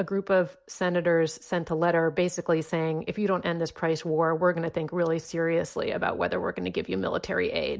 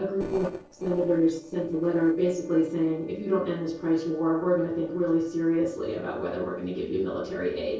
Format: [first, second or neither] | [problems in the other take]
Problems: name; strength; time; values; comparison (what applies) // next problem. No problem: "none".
first | noise reduction (neural separator model SepFormer DNS4)